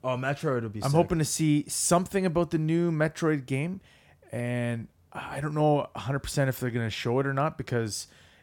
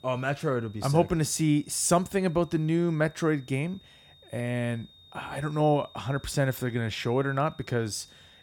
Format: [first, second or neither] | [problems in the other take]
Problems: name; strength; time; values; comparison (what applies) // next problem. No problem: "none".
first | high-pitched whine; faint; throughout; 3.5 kHz, 25 dB below the speech